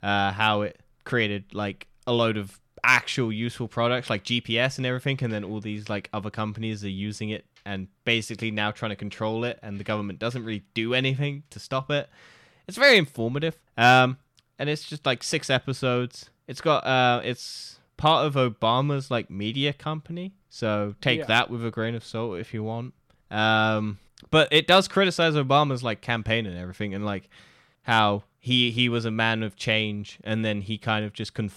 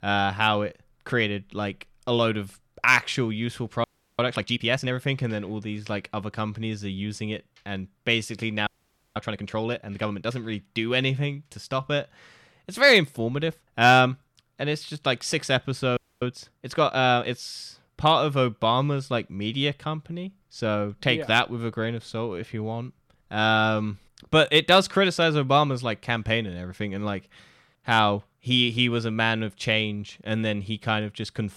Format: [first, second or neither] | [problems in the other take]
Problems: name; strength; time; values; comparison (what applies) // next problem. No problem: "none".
first | audio freezing; at 4 s, at 8.5 s and at 16 s